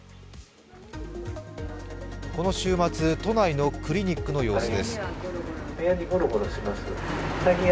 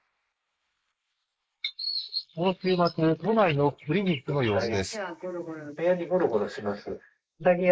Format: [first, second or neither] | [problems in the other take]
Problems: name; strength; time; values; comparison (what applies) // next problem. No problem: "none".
first | noise reduction (neural mask model Resemble Enhance denoiser)